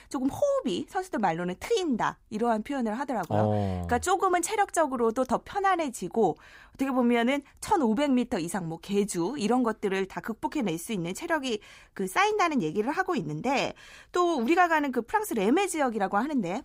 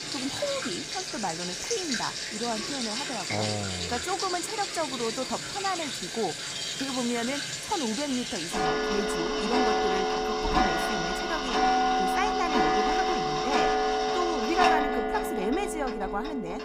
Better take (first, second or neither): first